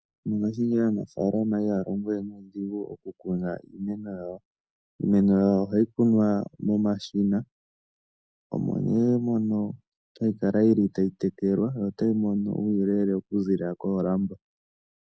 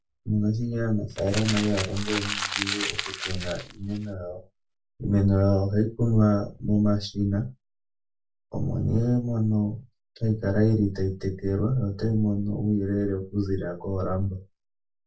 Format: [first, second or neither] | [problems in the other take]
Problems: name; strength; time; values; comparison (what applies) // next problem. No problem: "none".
first | background sound (Crumpling, crinkling); 7 dB below the speech // room echo; dies away in 0.2 s